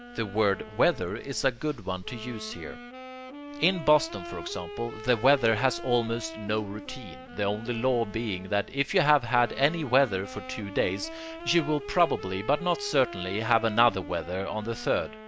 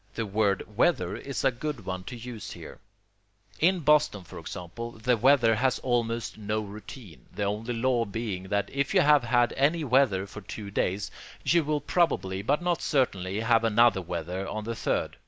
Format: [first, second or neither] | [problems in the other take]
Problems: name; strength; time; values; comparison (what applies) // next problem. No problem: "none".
second | background sound (Wind instrument, woodwind instrument); 14 dB below the speech